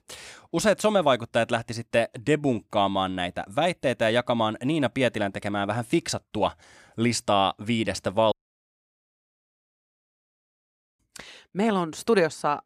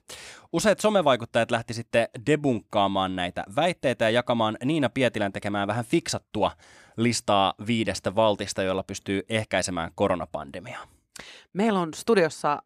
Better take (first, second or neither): second